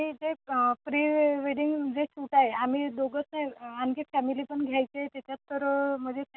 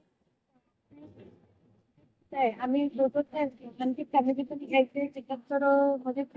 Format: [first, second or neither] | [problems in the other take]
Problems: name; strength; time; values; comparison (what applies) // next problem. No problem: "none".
first | noise reduction (neural mask model DeepFilterNet 3)